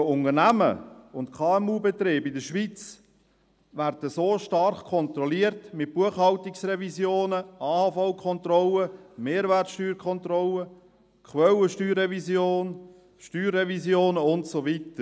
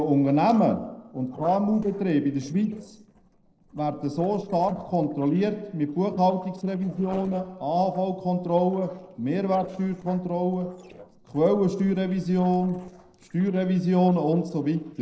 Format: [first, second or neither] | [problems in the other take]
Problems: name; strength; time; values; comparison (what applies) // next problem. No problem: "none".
first | noise reduction (neural separator model SepFormer DNS4)